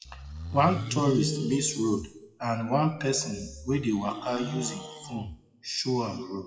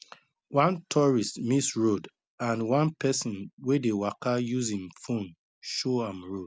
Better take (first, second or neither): second